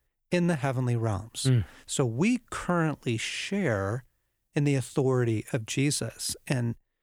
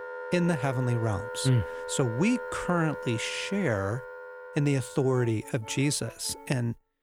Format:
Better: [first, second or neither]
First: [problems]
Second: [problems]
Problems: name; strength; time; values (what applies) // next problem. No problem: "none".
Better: first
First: none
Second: background music; noticeable; throughout; 10 dB below the speech